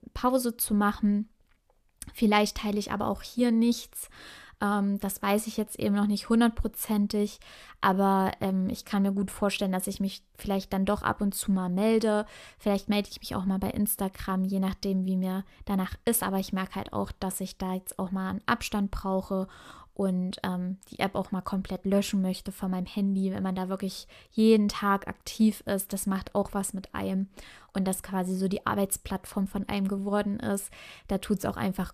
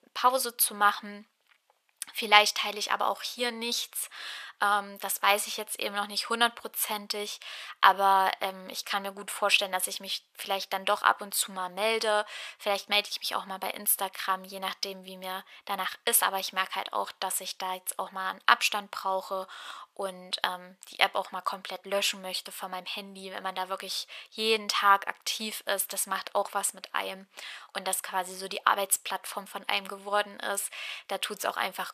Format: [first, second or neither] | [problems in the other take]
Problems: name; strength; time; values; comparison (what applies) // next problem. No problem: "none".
first | thin; very; fading below 850 Hz